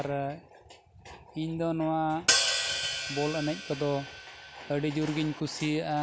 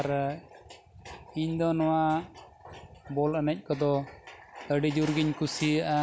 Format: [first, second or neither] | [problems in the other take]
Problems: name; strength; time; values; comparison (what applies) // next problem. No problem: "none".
second | background sound (Hi-hat); as loud as the speech